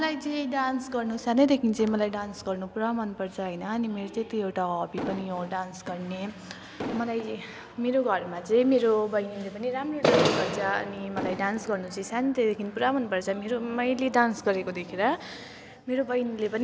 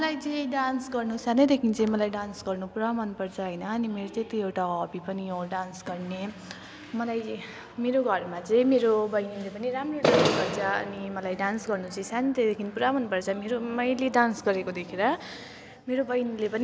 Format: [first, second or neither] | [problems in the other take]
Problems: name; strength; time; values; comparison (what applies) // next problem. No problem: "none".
second | background sound (Explosion); 8 dB below the speech